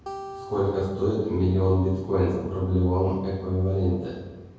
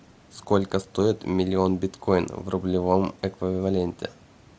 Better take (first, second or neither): second